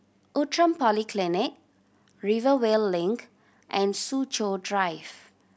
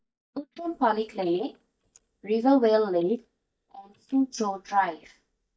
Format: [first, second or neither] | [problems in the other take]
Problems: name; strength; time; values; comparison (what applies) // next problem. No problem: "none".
first | noise reduction (neural mask model DeepFilterNet 3)